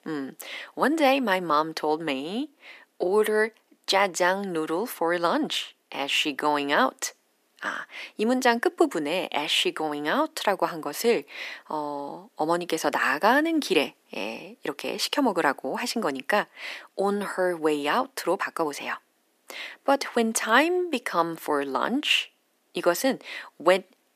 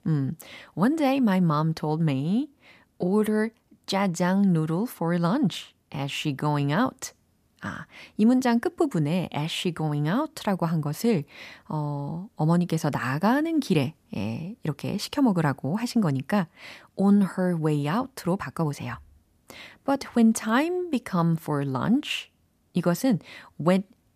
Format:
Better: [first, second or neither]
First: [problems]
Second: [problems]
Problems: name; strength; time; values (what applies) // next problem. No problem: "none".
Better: second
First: thin; somewhat; fading below 350 Hz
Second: none